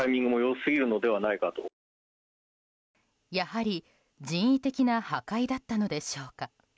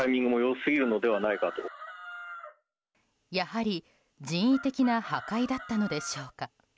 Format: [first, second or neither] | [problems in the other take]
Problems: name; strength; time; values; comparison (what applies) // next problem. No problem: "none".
first | background sound (Chicken, rooster); 15 dB below the speech